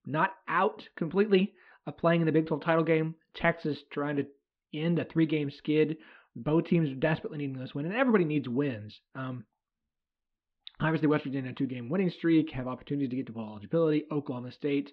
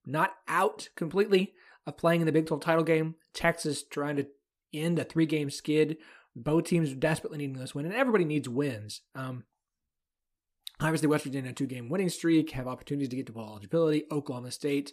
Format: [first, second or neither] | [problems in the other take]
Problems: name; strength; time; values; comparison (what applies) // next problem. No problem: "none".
second | muffled; slightly; fading above 3.5 kHz